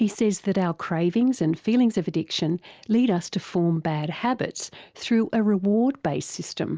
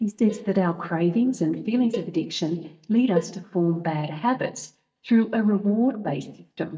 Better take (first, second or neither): first